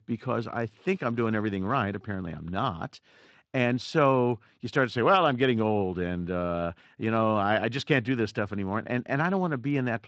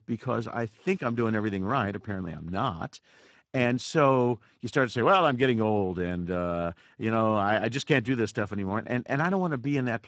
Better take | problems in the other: first | garbled, watery; badly; nothing above 7.5 kHz; slightly in the first

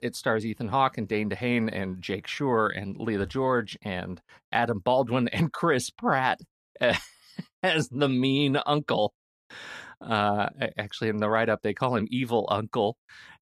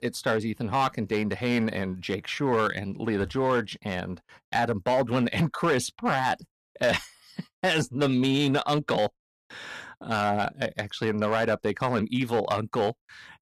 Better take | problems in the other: first | distortion; slight; 4% of the sound clipped

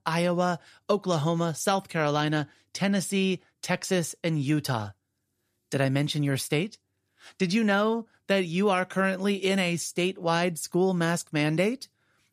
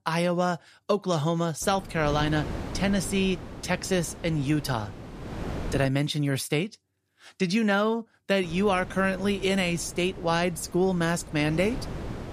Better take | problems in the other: first | wind noise on the microphone; occasional gusts; from 1.5 to 6 s and from 8.5 s on; 15 dB below the speech

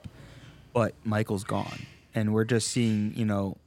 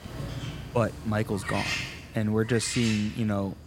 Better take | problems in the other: first | animal sounds; loud; throughout; 7 dB below the speech; faint in the first

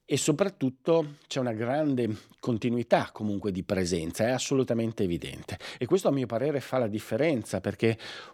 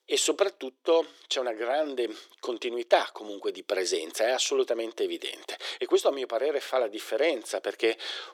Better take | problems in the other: first | thin; very; fading below 350 Hz

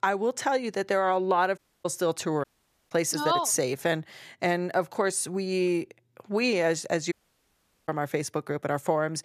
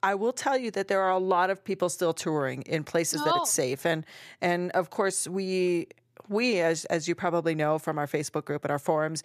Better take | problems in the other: second | audio cutting out; at 1.5 s, at 2.5 s and at 7 s for 1 s

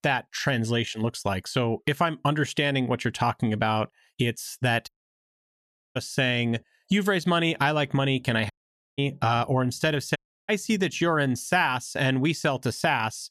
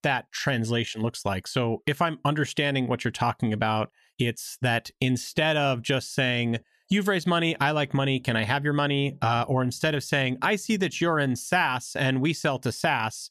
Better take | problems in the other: second | audio cutting out; at 5 s for 1 s, at 8.5 s and at 10 s

